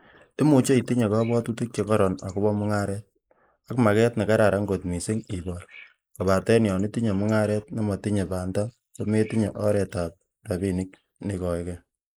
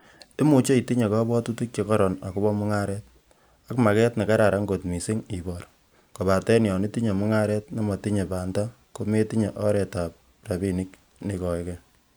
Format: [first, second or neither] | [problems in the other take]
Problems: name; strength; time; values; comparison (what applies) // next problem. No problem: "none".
second | noise reduction (neural mask model Resemble Enhance denoiser)